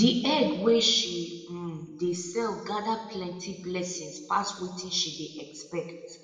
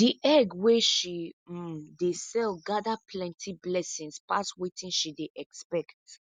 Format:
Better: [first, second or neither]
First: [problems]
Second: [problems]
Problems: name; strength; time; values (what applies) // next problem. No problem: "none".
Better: second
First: room echo; dies away in 1.1 s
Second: none